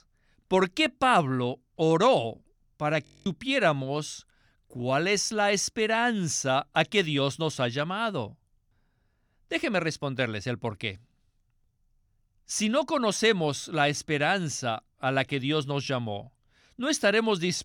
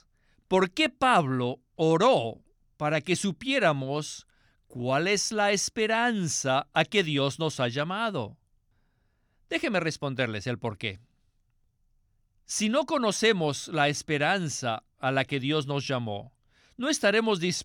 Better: second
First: audio freezing; at 3 s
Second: none

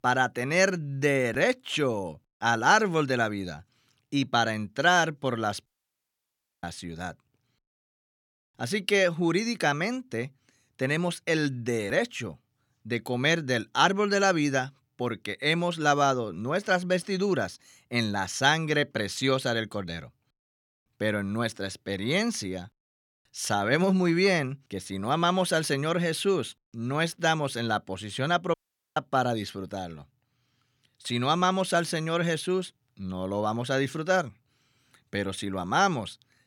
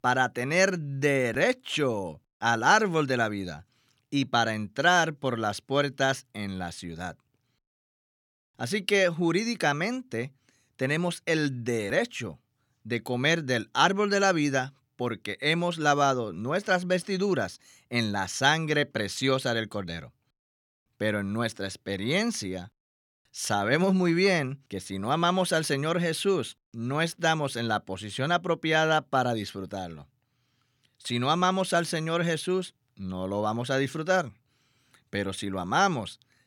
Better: second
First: audio cutting out; at 5.5 s for 1 s and at 29 s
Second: none

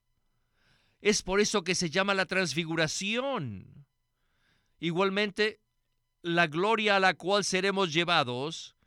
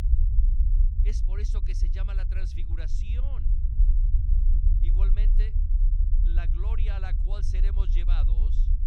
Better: first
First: none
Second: low rumble; loud; throughout; 3 dB below the speech

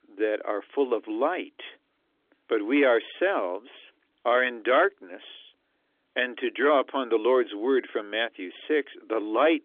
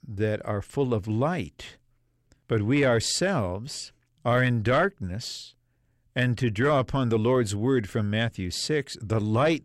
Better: second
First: phone-call audio; nothing above 3.5 kHz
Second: none

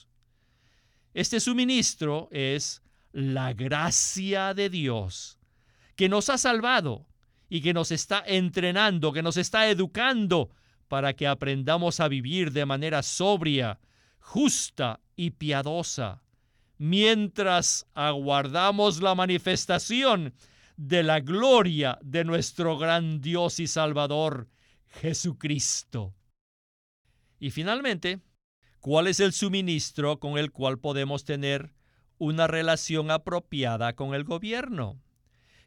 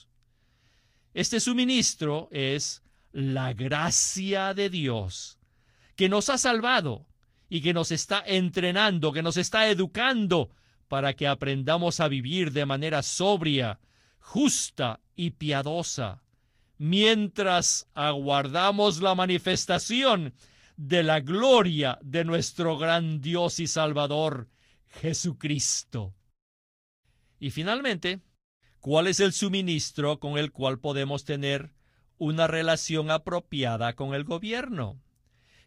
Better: first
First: none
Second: garbled, watery; slightly; nothing above 15 kHz

